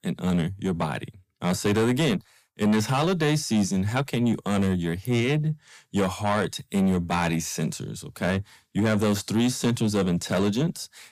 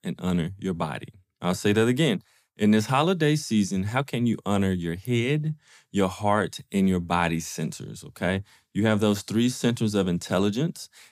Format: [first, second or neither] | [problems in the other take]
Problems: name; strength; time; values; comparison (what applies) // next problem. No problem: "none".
second | distortion; slight; 10 dB below the speech